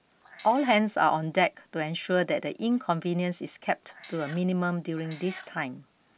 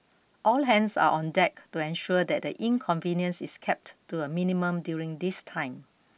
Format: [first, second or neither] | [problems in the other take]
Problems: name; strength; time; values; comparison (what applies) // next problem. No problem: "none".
second | background sound (Meow); 20 dB below the speech